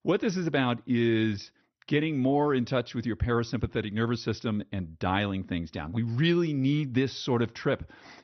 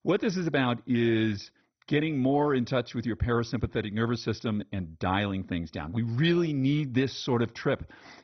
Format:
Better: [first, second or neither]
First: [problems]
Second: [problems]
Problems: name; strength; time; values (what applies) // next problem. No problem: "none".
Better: first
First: garbled, watery; slightly; nothing above 6 kHz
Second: garbled, watery; badly; nothing above 6 kHz